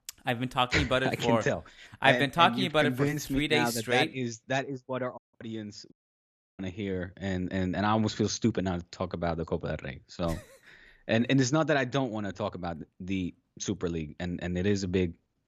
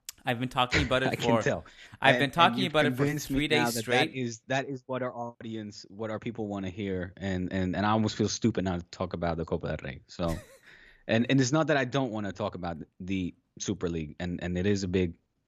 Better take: second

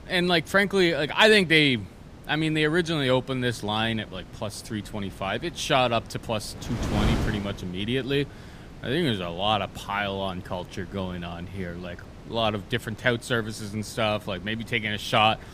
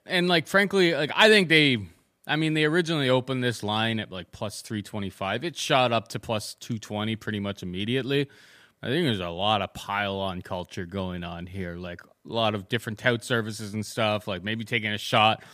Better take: second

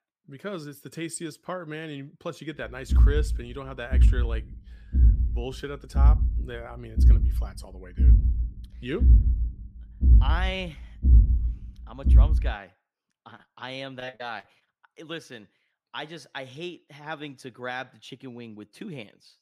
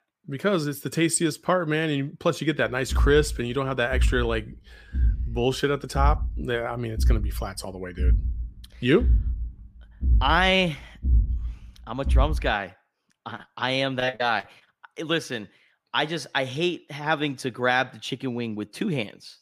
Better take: second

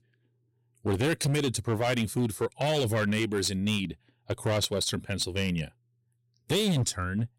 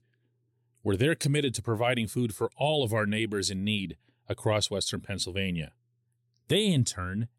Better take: second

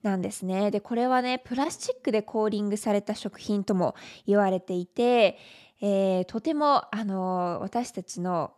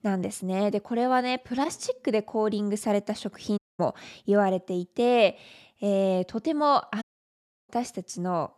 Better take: first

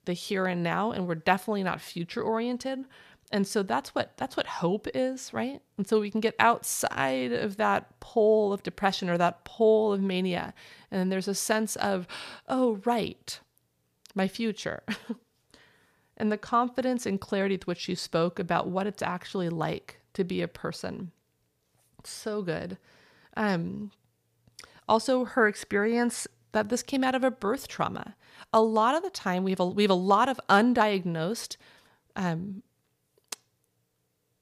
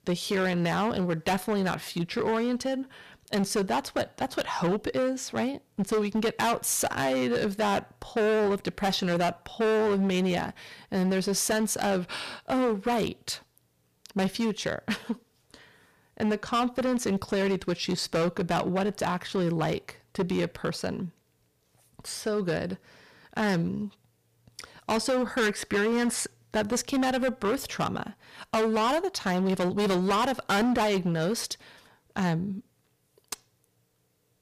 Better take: first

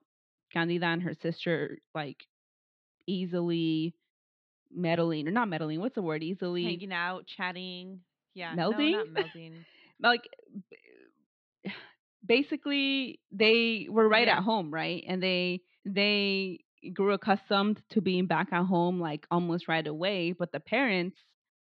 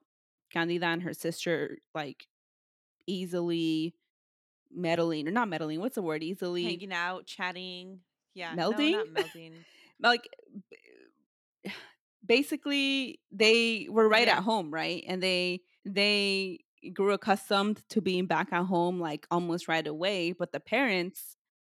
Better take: second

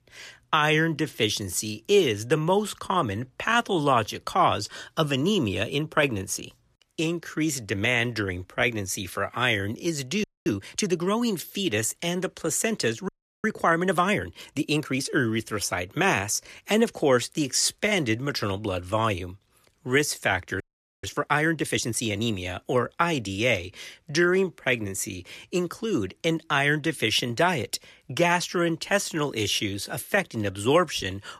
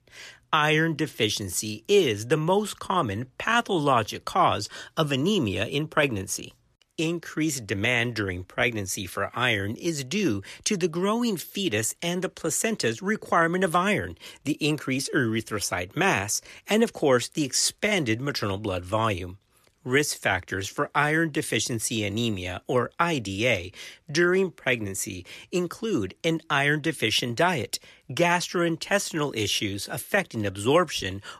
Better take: second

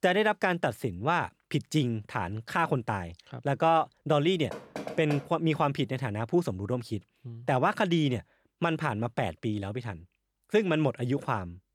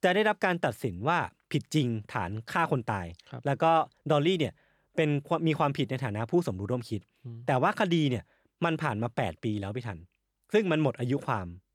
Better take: second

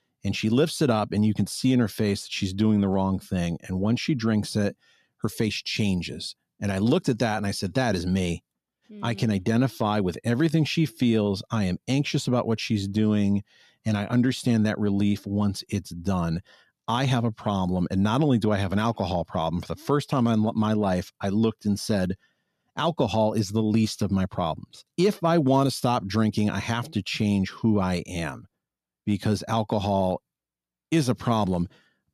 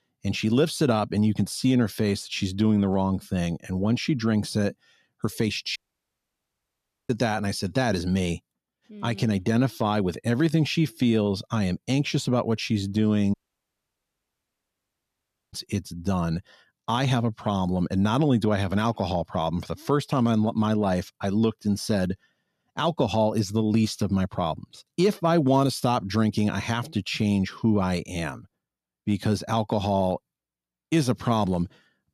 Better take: first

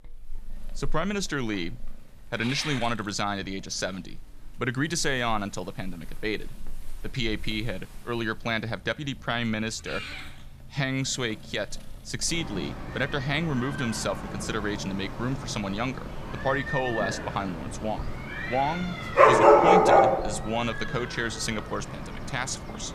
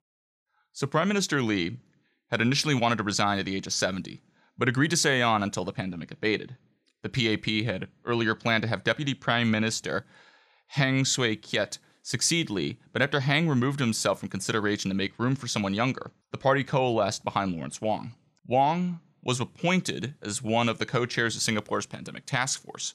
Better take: second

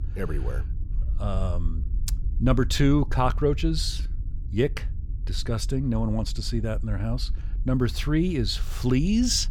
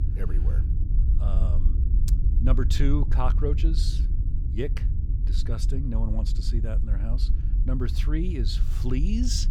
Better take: first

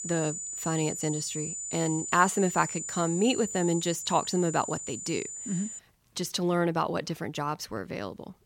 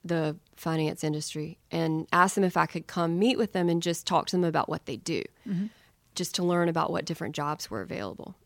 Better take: second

